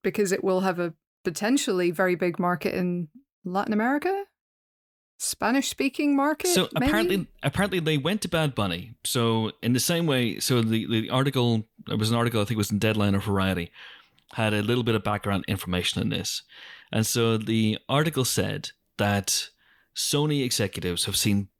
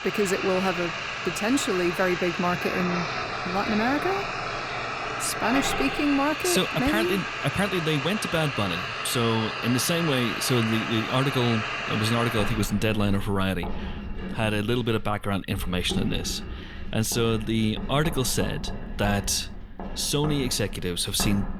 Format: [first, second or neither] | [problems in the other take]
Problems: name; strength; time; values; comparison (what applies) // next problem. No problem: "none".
first | household noises; loud; throughout; 5 dB below the speech